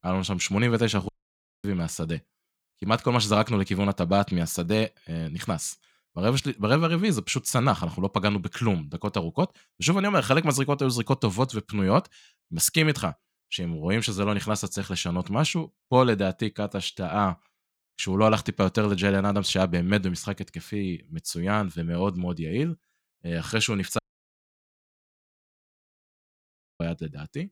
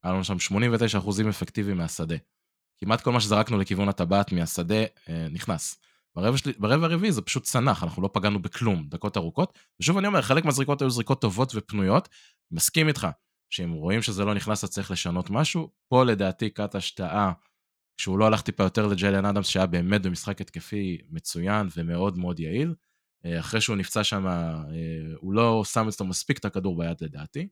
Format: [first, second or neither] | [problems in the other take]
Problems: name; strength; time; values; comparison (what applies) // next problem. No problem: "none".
second | audio cutting out; at 1 s for 0.5 s and at 24 s for 3 s